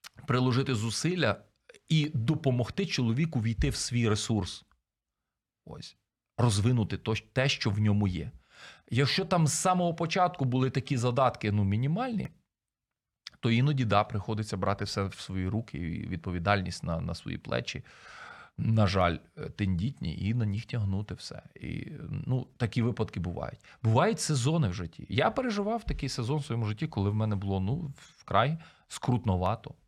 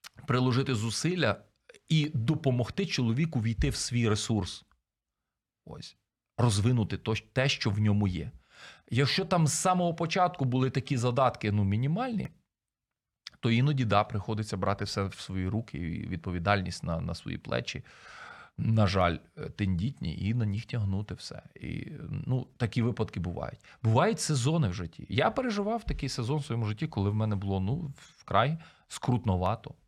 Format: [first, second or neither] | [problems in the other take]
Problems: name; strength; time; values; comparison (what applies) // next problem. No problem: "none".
neither | none